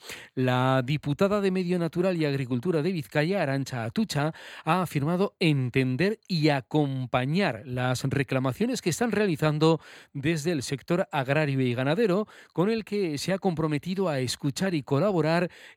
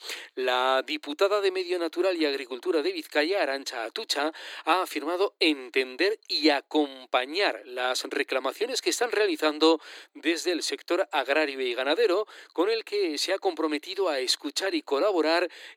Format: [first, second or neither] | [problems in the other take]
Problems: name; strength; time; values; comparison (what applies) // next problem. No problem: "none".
first | thin; very; fading below 300 Hz